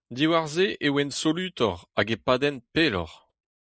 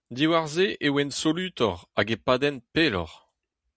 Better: second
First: noise reduction (neural mask model Resemble Enhance denoiser)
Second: none

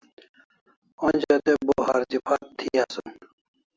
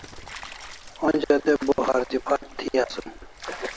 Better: first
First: none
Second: background sound (Stream); 14 dB below the speech

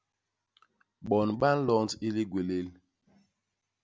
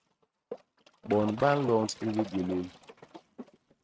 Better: first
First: none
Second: noise reduction (neural mask model RNNoise)

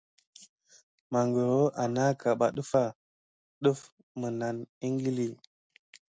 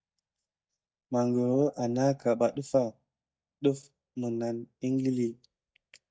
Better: first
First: none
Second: noise reduction (neural mask model DeepFilterNet 3)

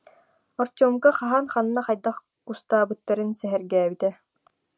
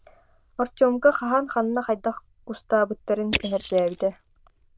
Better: first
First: none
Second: noise reduction (neural diffusion model UNIVERSE++)

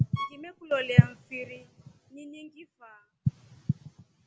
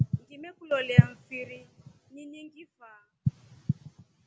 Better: second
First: background sound (Bowed string instrument); 14 dB below the speech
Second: none

